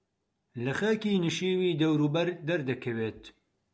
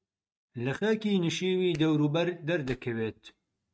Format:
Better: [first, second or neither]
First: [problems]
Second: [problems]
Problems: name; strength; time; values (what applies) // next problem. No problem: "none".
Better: first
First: none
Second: noise reduction (neural mask model RNNoise)